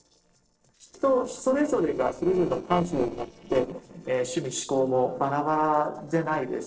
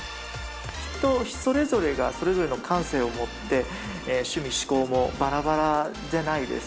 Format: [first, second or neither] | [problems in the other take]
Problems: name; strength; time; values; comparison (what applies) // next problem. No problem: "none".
second | noise reduction (neural separator model SepFormer DNS4)